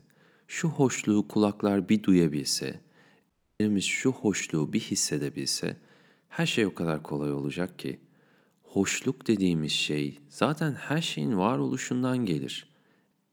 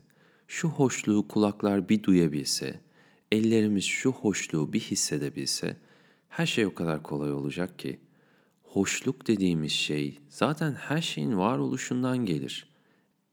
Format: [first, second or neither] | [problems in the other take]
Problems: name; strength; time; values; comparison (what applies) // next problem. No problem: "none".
second | audio cutting out; at 3.5 s